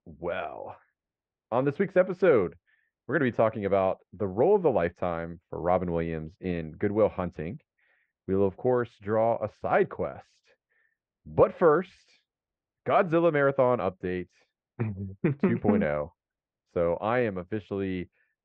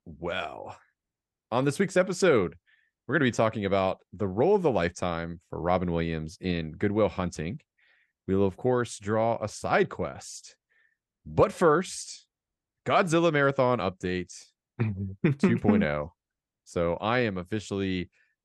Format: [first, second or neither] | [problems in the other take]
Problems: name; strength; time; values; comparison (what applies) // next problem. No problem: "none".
second | muffled; very; fading above 2.5 kHz